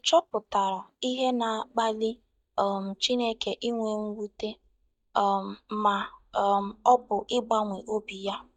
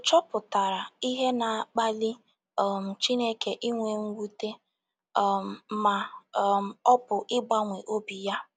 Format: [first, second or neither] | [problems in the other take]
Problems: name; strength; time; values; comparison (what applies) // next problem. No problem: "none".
second | noise reduction (neural mask model DeepFilterNet 3)